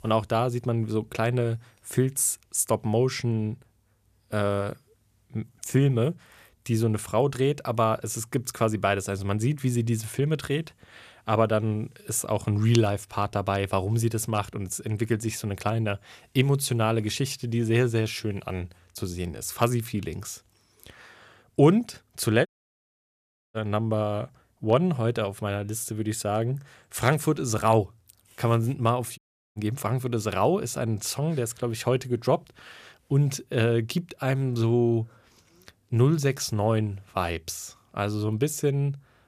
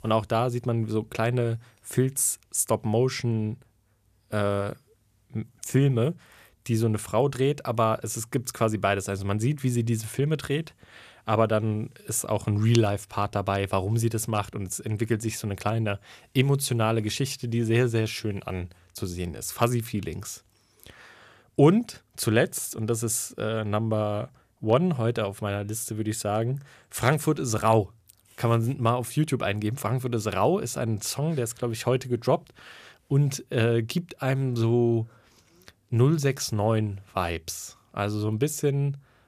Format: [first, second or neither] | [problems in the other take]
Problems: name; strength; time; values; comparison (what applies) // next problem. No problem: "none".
second | audio cutting out; at 22 s for 1 s and at 29 s